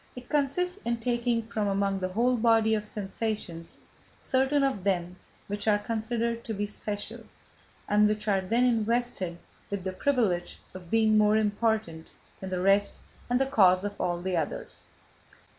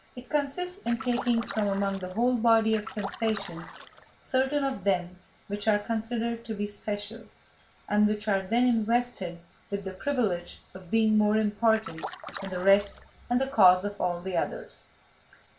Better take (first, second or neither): first